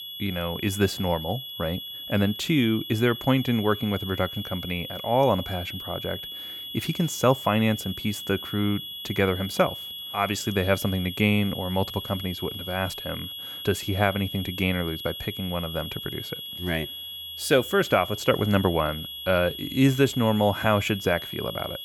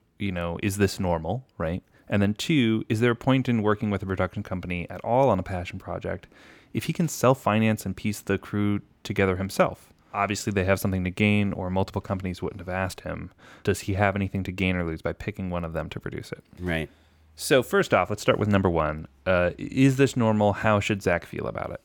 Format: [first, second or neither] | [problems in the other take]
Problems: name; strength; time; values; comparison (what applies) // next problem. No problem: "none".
second | high-pitched whine; loud; throughout; 3.5 kHz, 8 dB below the speech